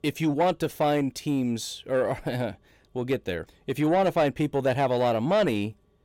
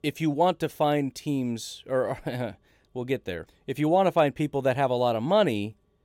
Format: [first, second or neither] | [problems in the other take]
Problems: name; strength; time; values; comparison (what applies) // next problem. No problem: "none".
second | distortion; slight; 10 dB below the speech